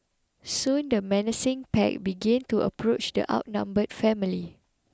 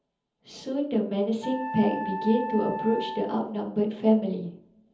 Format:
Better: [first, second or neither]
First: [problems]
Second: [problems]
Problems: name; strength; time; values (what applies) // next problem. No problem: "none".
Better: first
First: none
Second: background sound (Wind instrument, woodwind instrument); 9 dB below the speech // room echo; dies away in 0.7 s